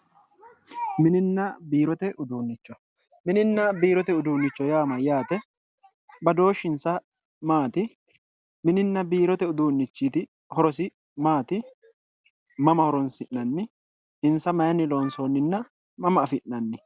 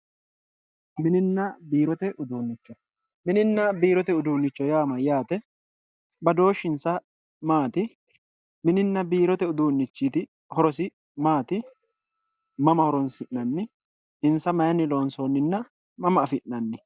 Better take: first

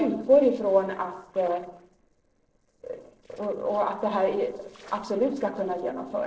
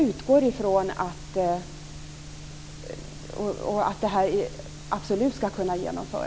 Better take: second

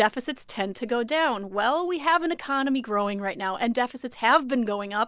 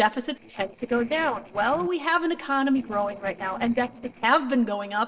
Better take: first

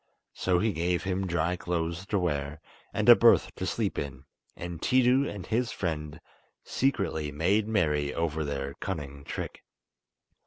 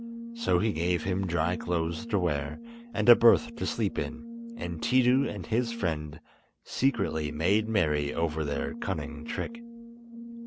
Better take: first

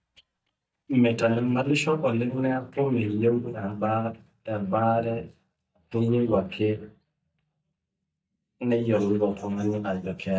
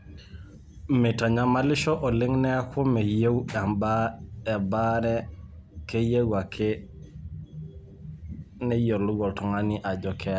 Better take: second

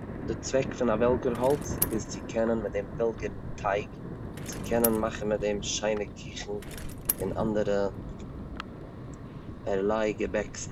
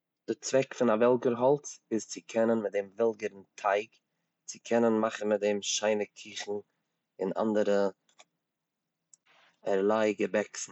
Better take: second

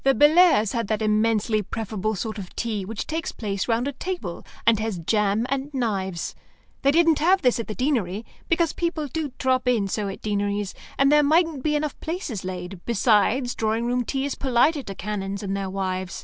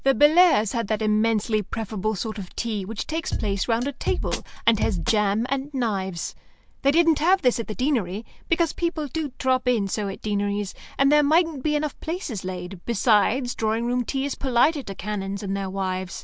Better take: first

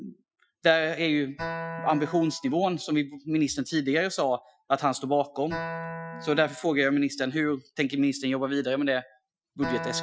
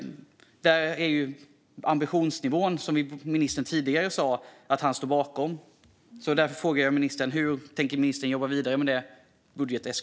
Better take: second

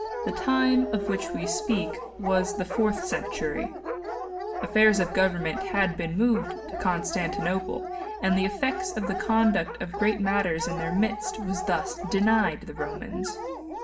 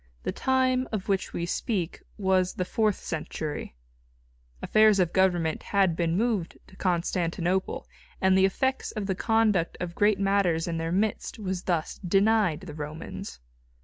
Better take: second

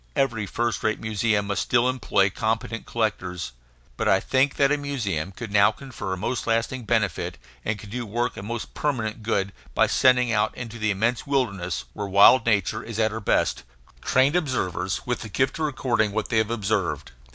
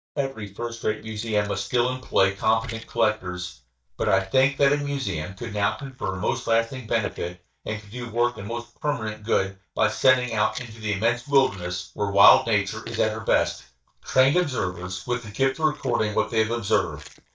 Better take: first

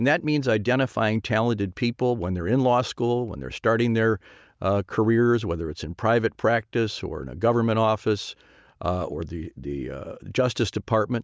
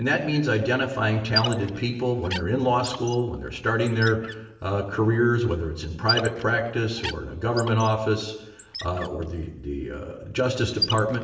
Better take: first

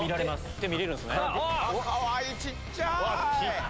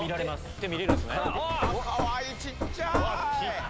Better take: first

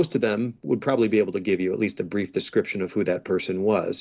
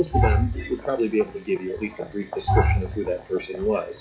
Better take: first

